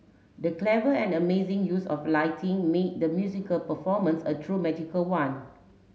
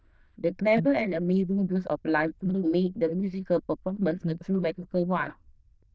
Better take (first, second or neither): first